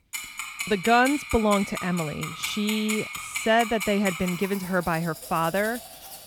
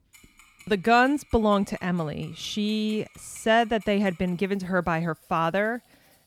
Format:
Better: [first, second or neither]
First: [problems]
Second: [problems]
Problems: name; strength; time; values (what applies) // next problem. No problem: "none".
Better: second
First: household noises; loud; throughout; 8 dB below the speech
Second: household noises; faint; throughout; 30 dB below the speech